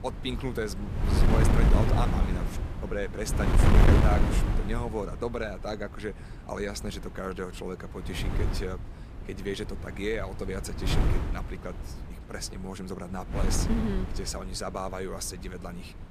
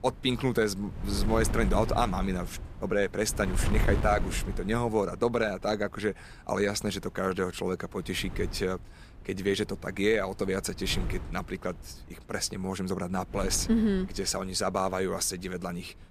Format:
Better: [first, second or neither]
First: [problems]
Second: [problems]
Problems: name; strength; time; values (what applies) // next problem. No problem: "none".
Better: second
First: wind noise on the microphone; heavy; as loud as the speech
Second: wind noise on the microphone; occasional gusts; 15 dB below the speech